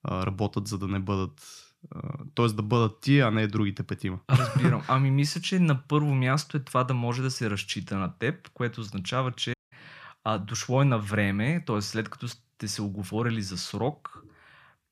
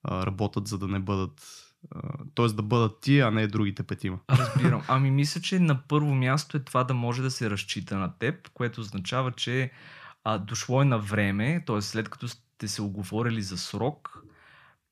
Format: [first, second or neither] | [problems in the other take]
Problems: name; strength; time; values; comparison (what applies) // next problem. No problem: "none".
second | audio cutting out; at 9.5 s